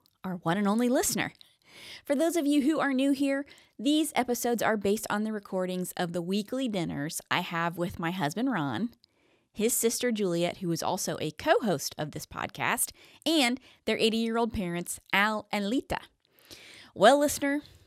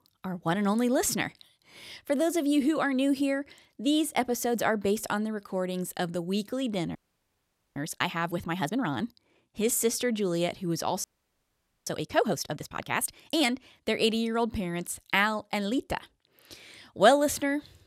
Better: first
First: none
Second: audio freezing; at 7 s for 1 s and at 11 s for 1 s

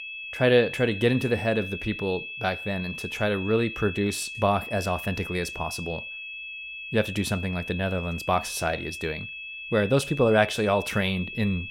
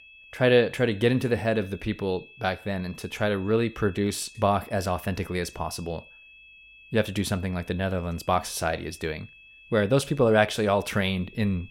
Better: second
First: high-pitched whine; loud; throughout; 2.5 kHz, 8 dB below the speech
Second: high-pitched whine; faint; throughout; 2.5 kHz, 20 dB below the speech

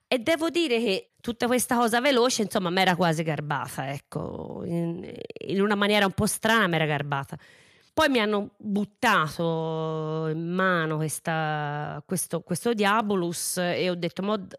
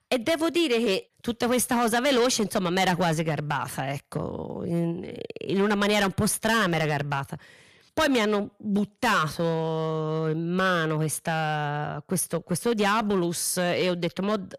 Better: first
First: none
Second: distortion; slight; 7% of the sound clipped

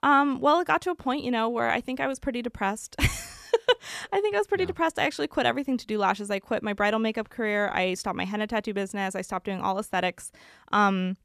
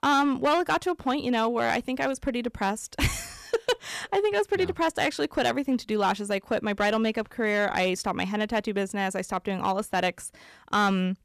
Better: first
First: none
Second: distortion; slight; 5% of the sound clipped

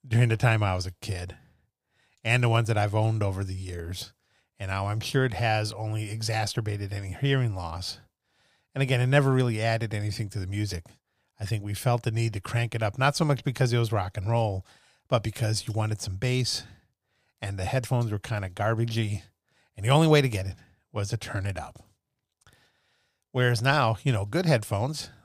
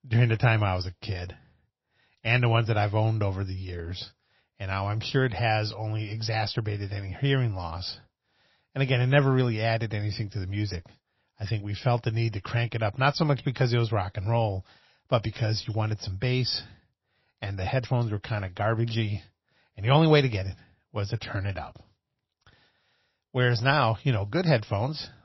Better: first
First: none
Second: garbled, watery; slightly; nothing above 5.5 kHz

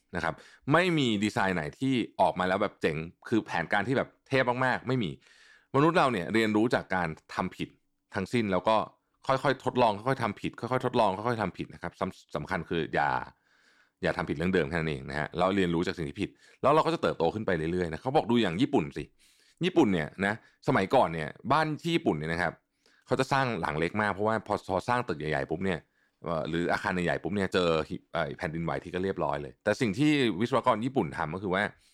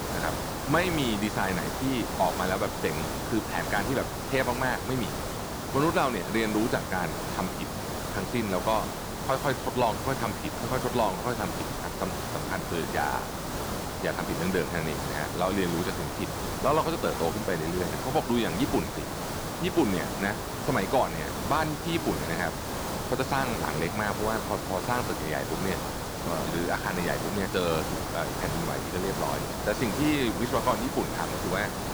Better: first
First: none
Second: hiss; loud; throughout; 3 dB below the speech

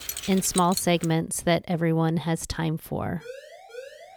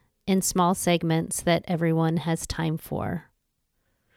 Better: second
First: jangling keys; noticeable; until 1 s; peak 5 dB below the speech // siren; faint; at 3 s; peak 15 dB below the speech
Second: none

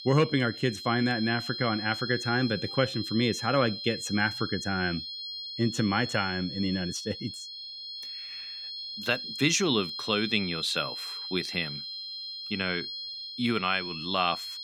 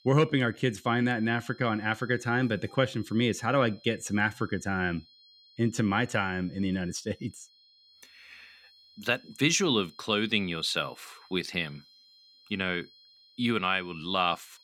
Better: second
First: high-pitched whine; loud; throughout; 4 kHz, 7 dB below the speech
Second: high-pitched whine; faint; throughout; 4 kHz, 25 dB below the speech

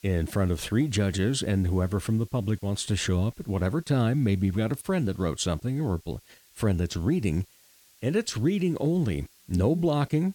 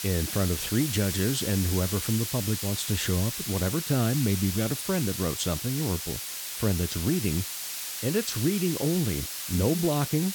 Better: first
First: hiss; faint; throughout; 30 dB below the speech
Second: hiss; loud; throughout; 4 dB below the speech

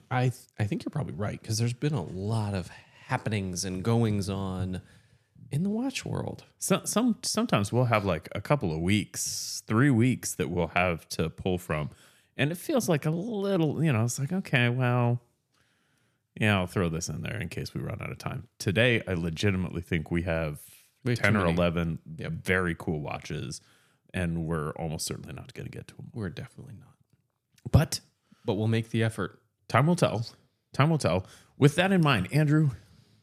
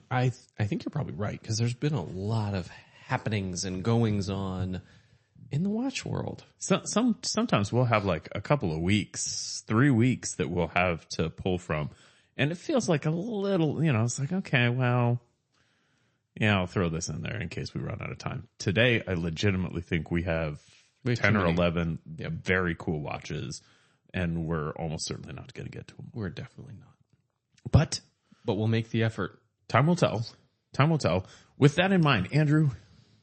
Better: first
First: none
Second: garbled, watery; slightly; nothing above 8 kHz

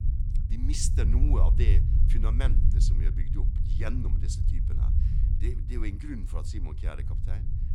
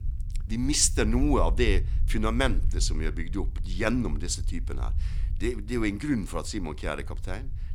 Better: second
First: low rumble; loud; throughout; 5 dB below the speech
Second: low rumble; faint; throughout; 20 dB below the speech

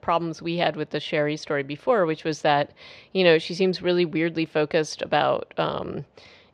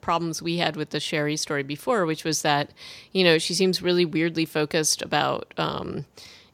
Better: second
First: muffled; slightly; fading above 3 kHz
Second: none

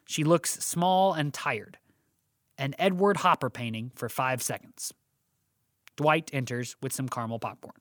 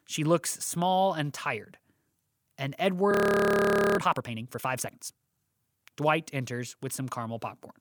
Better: first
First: none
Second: audio freezing; at 3 s for 1 s

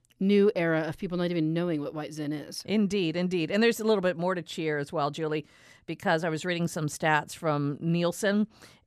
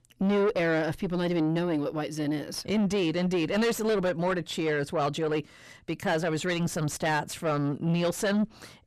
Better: first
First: none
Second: distortion; heavy; 6 dB below the speech

